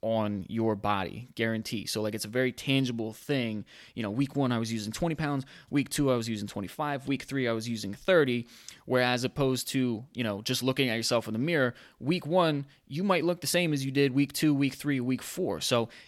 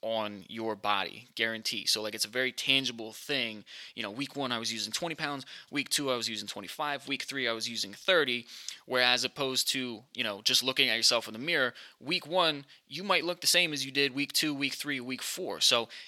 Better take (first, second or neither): first